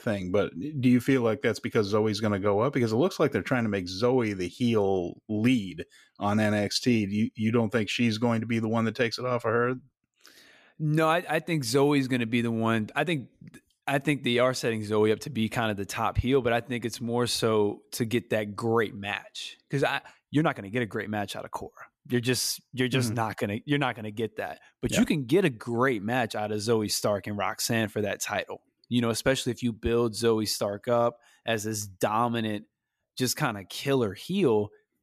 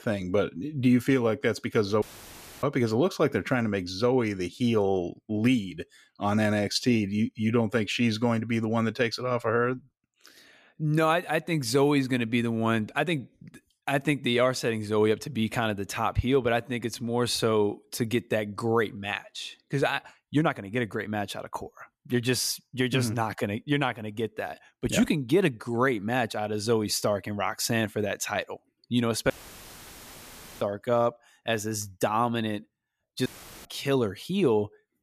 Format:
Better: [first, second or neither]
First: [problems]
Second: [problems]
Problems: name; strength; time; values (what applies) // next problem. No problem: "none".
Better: first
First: none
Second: audio cutting out; filled with static; at 2 s for 0.5 s, at 29 s for 1.5 s and at 33 s